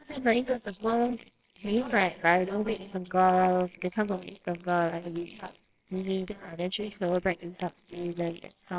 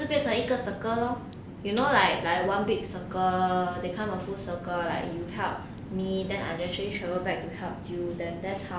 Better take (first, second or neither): second